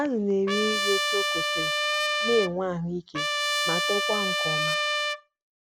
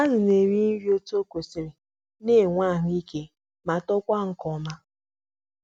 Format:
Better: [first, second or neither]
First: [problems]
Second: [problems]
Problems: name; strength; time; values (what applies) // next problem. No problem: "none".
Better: second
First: background sound (Trumpet); 2 dB above the speech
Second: none